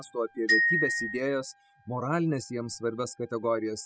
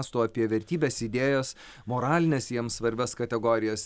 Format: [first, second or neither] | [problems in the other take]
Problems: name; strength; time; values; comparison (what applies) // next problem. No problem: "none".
second | noise reduction (classical method spectral subtraction)